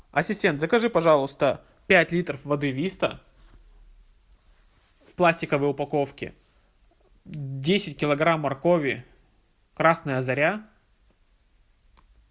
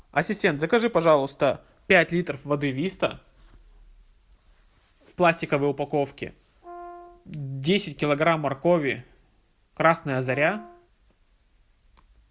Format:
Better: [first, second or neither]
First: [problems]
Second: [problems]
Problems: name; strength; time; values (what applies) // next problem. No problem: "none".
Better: first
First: none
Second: background sound (Brass instrument); 18 dB below the speech